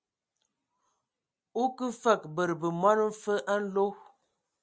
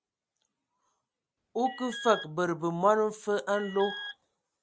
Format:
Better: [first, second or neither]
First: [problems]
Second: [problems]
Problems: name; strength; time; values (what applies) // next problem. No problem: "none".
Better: first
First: none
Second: background sound (Alarm); 12 dB below the speech